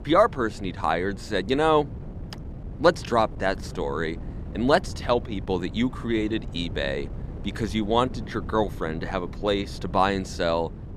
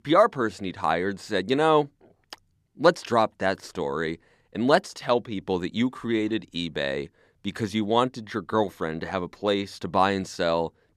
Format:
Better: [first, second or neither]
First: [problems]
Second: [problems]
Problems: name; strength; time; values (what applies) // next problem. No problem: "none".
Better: second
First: wind noise on the microphone; occasional gusts; 20 dB below the speech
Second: none